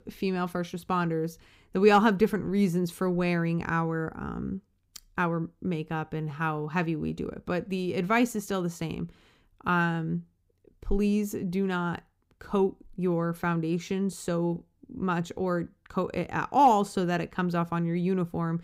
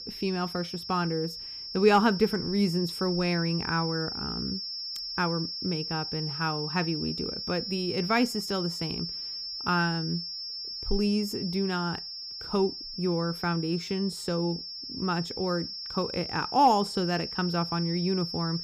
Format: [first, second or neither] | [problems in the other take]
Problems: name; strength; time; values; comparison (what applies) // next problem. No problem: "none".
first | high-pitched whine; loud; throughout; 5.5 kHz, 5 dB below the speech